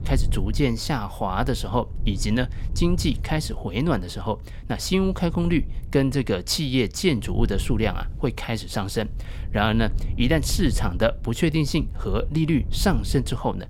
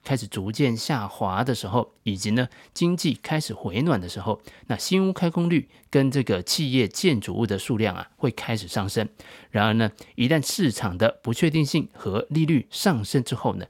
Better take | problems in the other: second | low rumble; faint; throughout; 20 dB below the speech

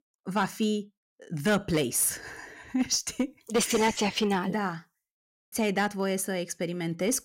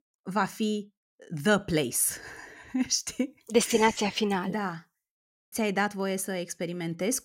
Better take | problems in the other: second | distortion; slight; 3% of the sound clipped

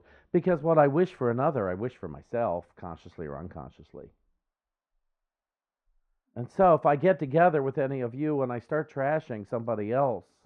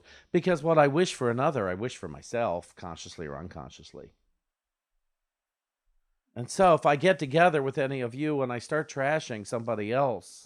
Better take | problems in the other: second | muffled; very; fading above 3 kHz

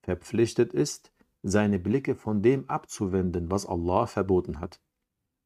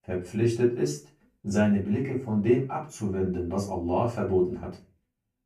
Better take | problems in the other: first | room echo; slight; dies away in 0.3 s // off-mic speech; far

